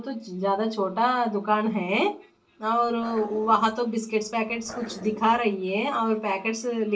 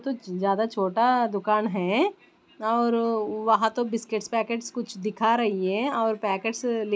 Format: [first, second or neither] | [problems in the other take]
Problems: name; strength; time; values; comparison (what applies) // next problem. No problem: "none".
second | noise reduction (neural separator model SepFormer DNS4)